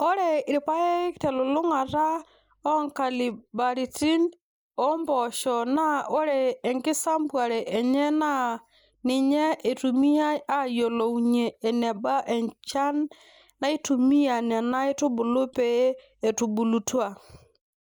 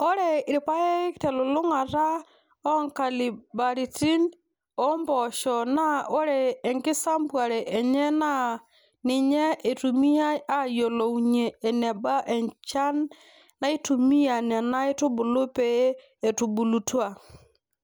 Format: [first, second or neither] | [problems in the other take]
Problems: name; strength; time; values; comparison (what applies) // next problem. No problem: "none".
second | noise reduction (neural mask model Resemble Enhance denoiser)